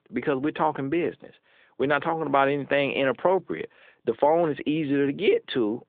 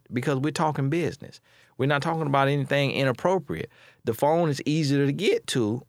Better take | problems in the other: second | phone-call audio; nothing above 3.5 kHz

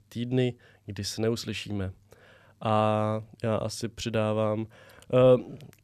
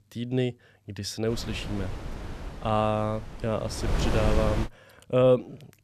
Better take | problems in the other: first | wind noise on the microphone; heavy; from 1.5 to 4.5 s; 9 dB below the speech

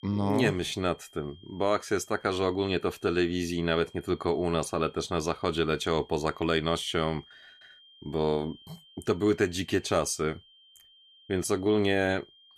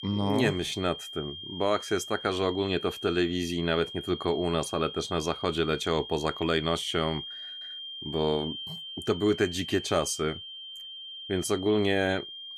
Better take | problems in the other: first | high-pitched whine; loud; throughout; 3 kHz, 10 dB below the speech; faint in the first

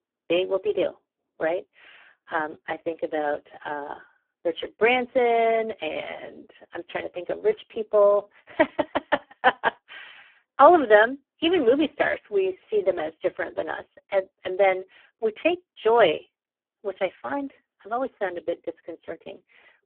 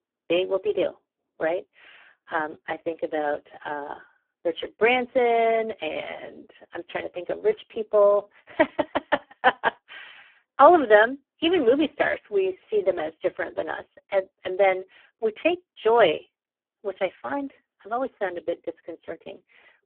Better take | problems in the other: neither | phone-call audio; poor line; the same in both

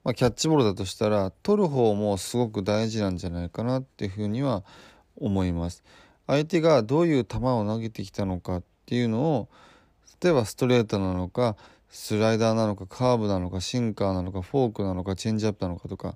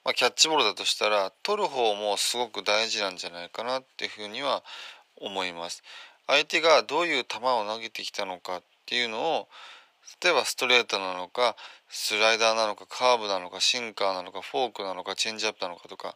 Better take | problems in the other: first | thin; very; fading below 800 Hz

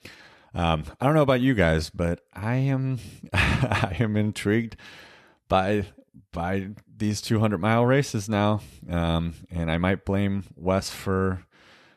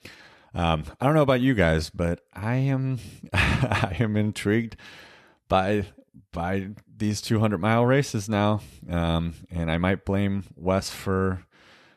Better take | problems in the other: neither | none

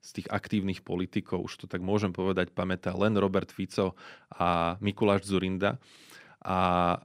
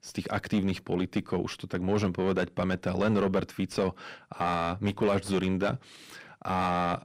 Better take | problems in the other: first | distortion; heavy; 7 dB below the speech

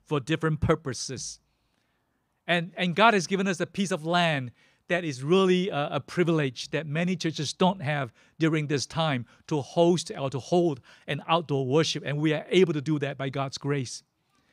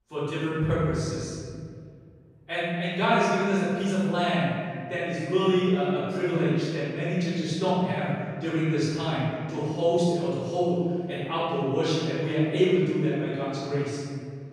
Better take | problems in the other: first | room echo; strong; dies away in 2.1 s // off-mic speech; far

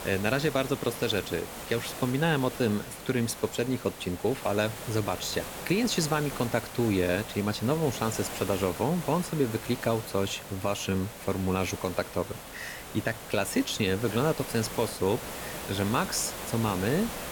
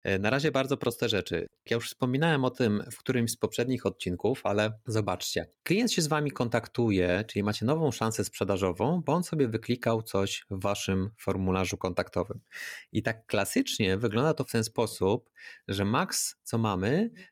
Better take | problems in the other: second | hiss; loud; throughout; 9 dB below the speech

